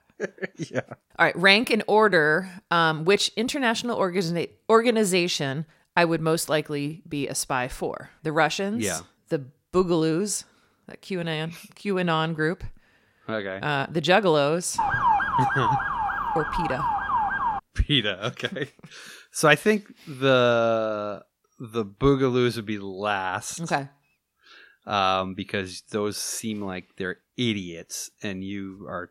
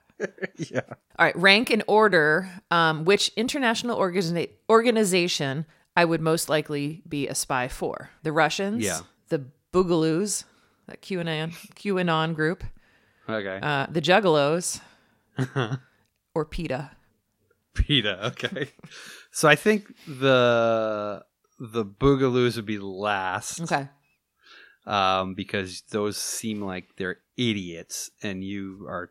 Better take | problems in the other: second | siren; loud; from 15 to 18 s; peak 3 dB above the speech

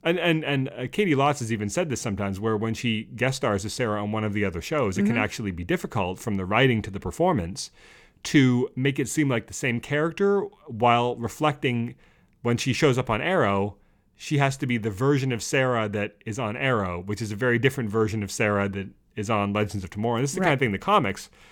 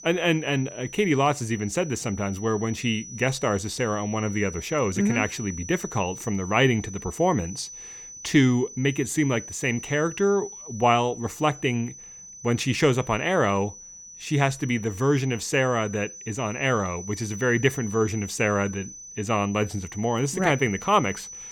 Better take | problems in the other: first | high-pitched whine; noticeable; throughout; 6 kHz, 15 dB below the speech

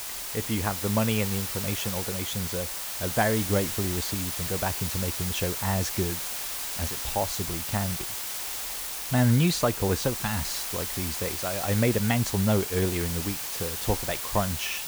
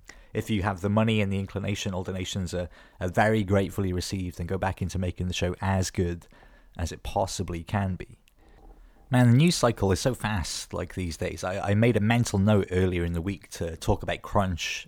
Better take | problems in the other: second | hiss; loud; throughout; 2 dB below the speech

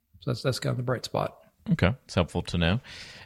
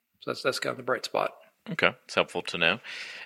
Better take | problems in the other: first | thin; somewhat; fading below 350 Hz

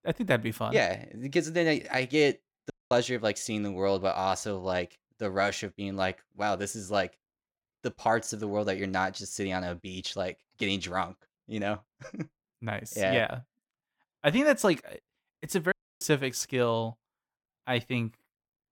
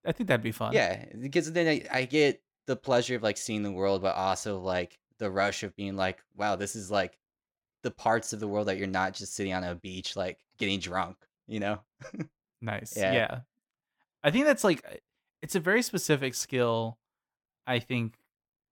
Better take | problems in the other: second | audio cutting out; at 2.5 s and at 16 s

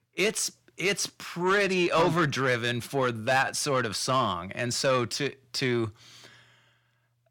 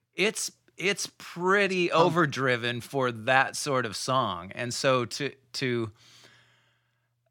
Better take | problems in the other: second | distortion; slight; 10 dB below the speech

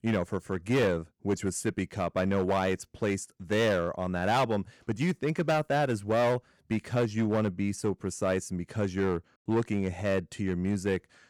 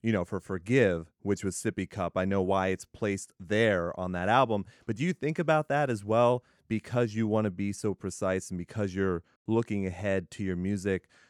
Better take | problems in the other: second | distortion; slight; 7% of the sound clipped

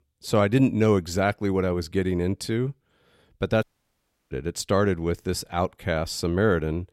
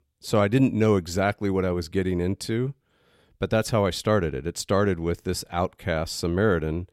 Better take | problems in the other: second | audio cutting out; at 3.5 s for 0.5 s

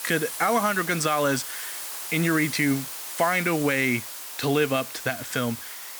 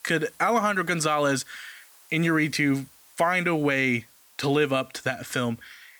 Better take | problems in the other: second | hiss; loud; throughout; 8 dB below the speech; faint in the second

